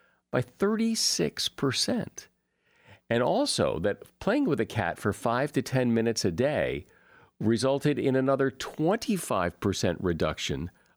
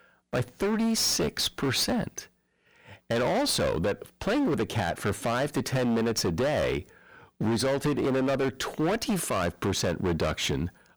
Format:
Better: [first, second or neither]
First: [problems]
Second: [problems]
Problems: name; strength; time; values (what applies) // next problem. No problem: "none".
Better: first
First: none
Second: distortion; heavy; 22% of the sound clipped